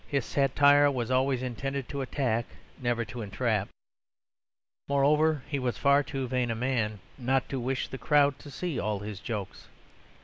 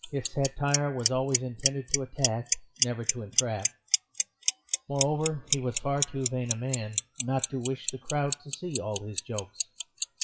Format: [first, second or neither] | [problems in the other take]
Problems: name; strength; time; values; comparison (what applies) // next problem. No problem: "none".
first | noise reduction (classical method WPE with log-MMSE)